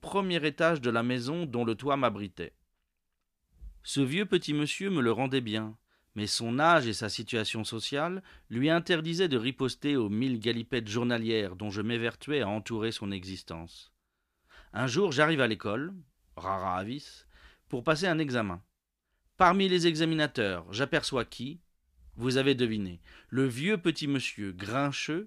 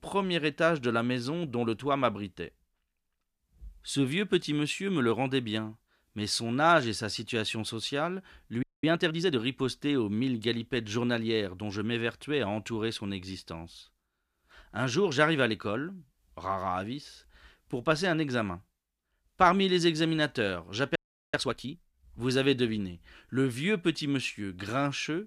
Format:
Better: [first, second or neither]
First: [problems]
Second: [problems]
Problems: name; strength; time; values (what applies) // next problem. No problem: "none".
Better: first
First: none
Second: audio freezing; at 8.5 s and at 21 s